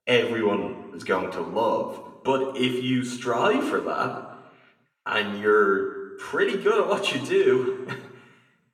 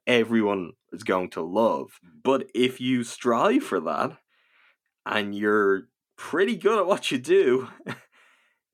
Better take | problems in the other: second | room echo; slight; dies away in 1 s

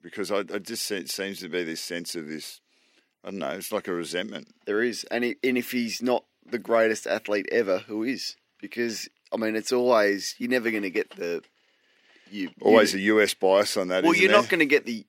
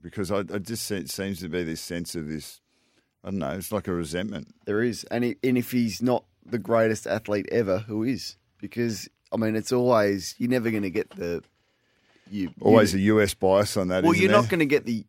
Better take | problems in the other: second | thin; very slightly; fading below 300 Hz

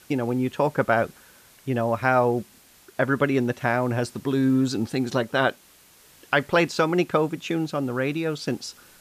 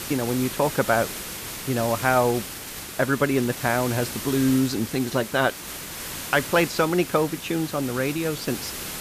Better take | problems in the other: first | hiss; loud; throughout; 8 dB below the speech; faint in the first

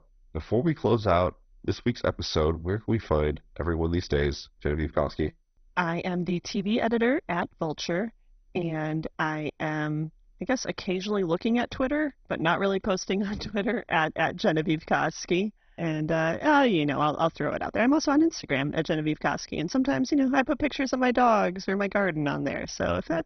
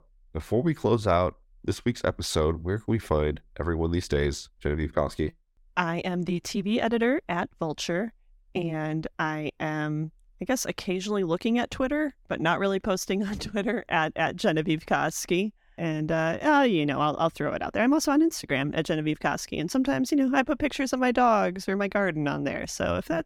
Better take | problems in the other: second | garbled, watery; badly; nothing above 6 kHz

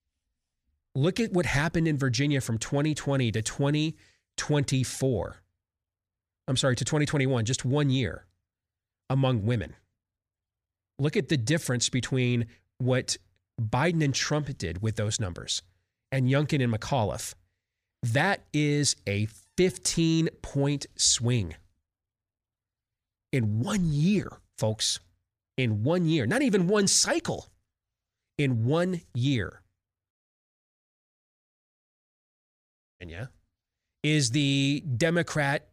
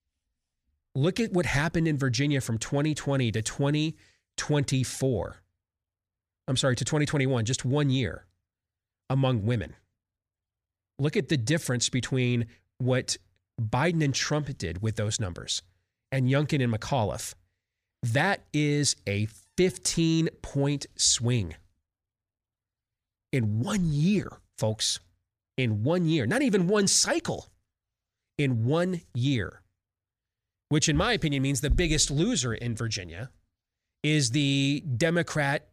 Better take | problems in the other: second | audio cutting out; at 30 s for 3 s

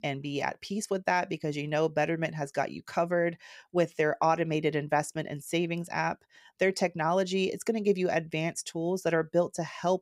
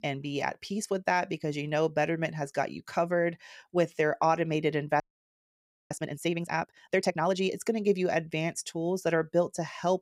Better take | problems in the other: first | audio freezing; at 5 s for 1 s

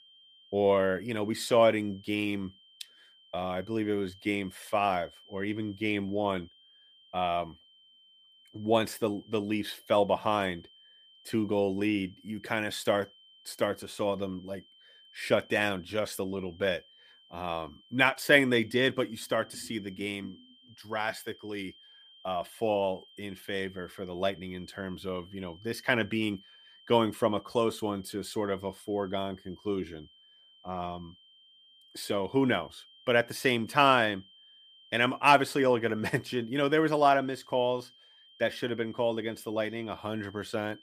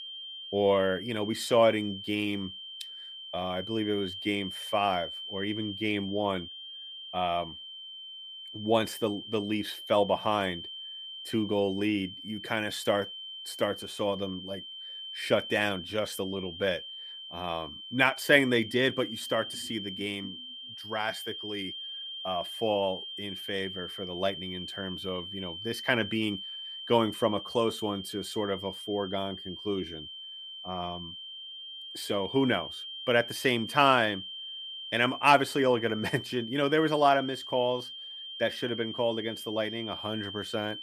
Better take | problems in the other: first | high-pitched whine; loud; throughout; 3 kHz, 9 dB below the speech; faint in the first

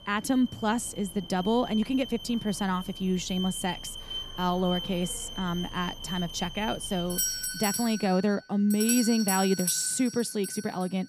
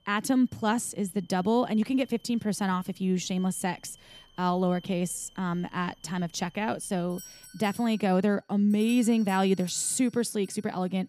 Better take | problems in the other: second | alarms or sirens; loud; throughout; 5 dB below the speech; faint in the second

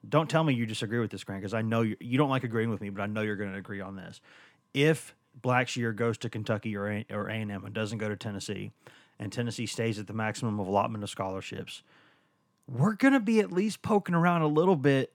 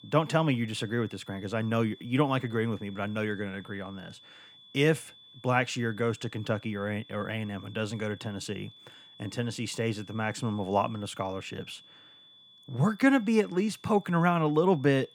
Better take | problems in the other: first | high-pitched whine; faint; throughout; 3.5 kHz, 20 dB below the speech

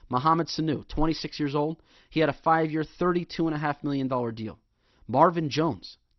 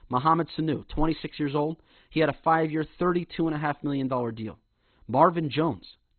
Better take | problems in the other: first | garbled, watery; badly; nothing above 4 kHz; slightly in the first

